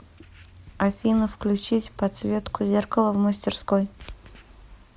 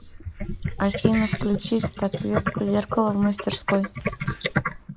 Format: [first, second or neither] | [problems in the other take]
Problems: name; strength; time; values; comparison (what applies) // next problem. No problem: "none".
first | noise reduction (neural mask model Resemble Enhance denoiser)